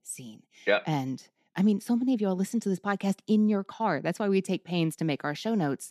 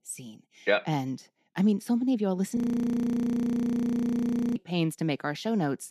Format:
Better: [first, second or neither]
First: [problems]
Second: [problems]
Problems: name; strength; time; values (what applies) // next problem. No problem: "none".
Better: first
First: none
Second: audio freezing; at 2.5 s for 2 s